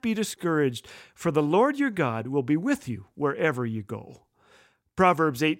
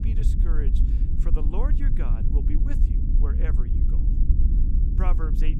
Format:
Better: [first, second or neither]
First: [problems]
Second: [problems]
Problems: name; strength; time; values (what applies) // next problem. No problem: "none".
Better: first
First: none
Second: low rumble; loud; throughout; 2 dB below the speech